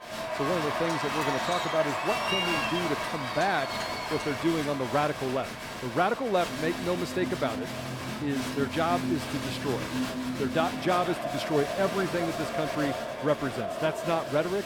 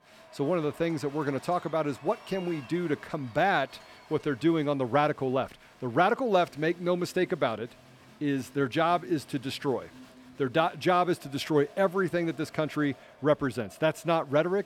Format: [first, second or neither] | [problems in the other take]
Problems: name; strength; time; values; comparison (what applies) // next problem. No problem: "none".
second | crowd noise; loud; throughout; 2 dB below the speech; faint in the second